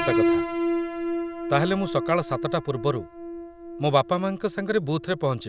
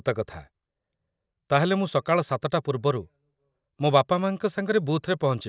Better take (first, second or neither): second